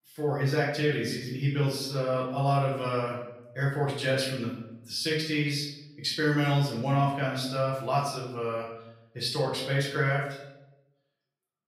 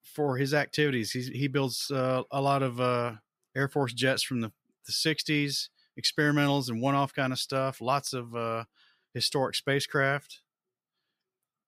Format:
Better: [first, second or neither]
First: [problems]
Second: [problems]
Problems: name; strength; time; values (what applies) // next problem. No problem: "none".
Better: second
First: off-mic speech; far // room echo; noticeable; dies away in 0.7 s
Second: none